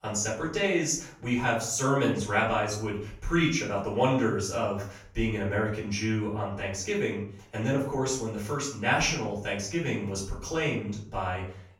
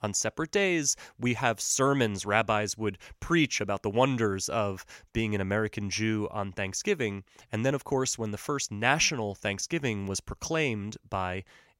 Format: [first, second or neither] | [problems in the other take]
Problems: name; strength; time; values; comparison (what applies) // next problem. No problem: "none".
second | off-mic speech; far // room echo; noticeable; dies away in 0.5 s